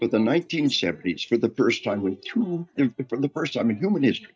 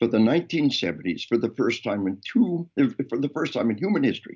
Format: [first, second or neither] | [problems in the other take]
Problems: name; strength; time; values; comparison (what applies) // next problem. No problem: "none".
second | noise reduction (neural mask model DeepFilterNet 3)